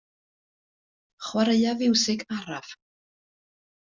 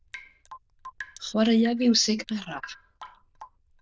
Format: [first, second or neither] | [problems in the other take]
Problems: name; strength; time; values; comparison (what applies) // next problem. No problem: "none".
first | noise reduction (neural diffusion model UNIVERSE++)